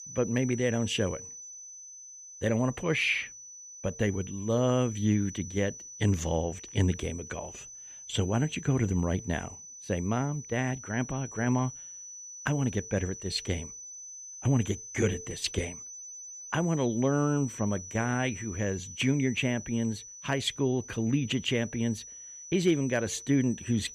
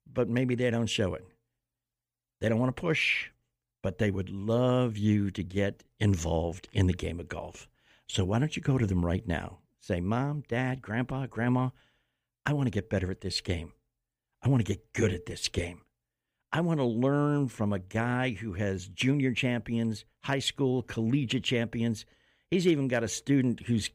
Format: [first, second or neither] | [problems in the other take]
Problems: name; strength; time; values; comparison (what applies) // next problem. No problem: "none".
second | high-pitched whine; noticeable; throughout; 6 kHz, 10 dB below the speech